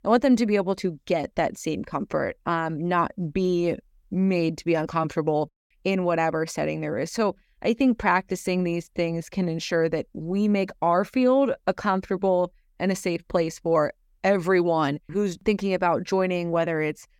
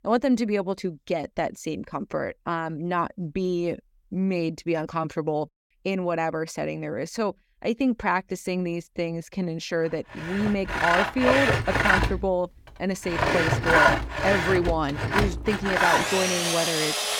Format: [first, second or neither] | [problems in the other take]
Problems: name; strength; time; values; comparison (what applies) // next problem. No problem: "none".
first | machinery noise; very loud; from 11 s on; 4 dB above the speech